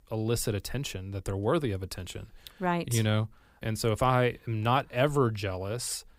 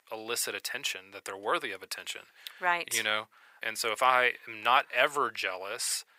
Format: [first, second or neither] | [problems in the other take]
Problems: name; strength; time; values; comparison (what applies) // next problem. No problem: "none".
first | thin; very; fading below 700 Hz